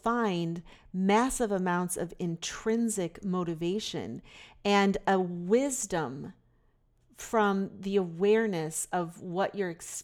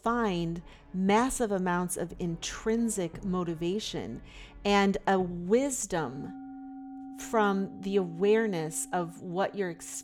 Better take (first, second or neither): first